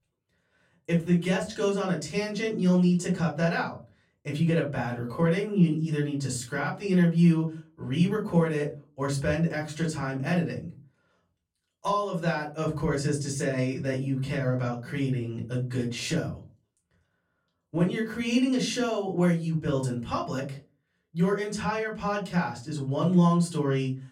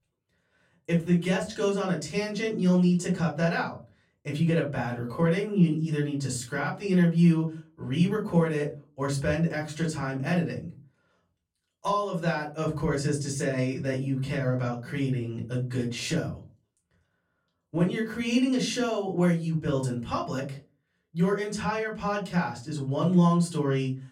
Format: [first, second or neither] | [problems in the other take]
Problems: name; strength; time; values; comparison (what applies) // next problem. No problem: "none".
neither | off-mic speech; far; the same in both // room echo; very slight; dies away in 0.3 s; the same in both